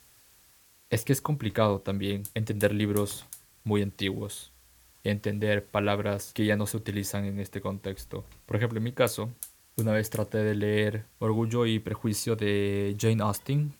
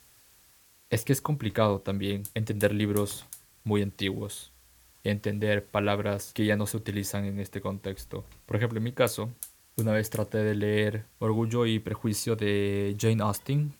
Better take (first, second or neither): neither